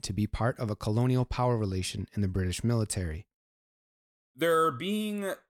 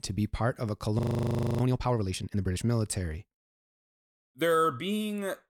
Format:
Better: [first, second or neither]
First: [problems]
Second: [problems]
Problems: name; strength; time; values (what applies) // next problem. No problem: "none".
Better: first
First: none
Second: audio freezing; at 1 s for 0.5 s